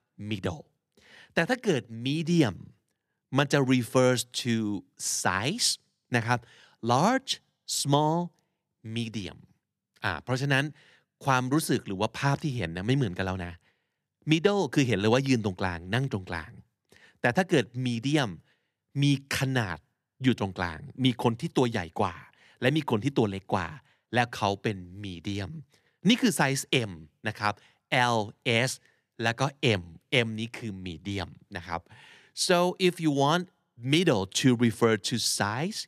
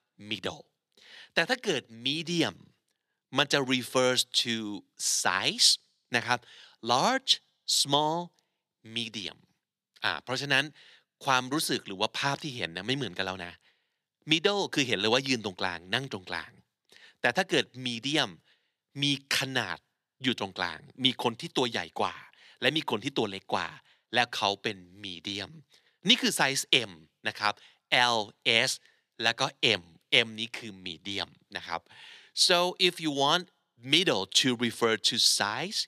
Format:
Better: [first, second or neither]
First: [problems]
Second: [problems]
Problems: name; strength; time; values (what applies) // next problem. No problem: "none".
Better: first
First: none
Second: thin; very slightly; fading below 450 Hz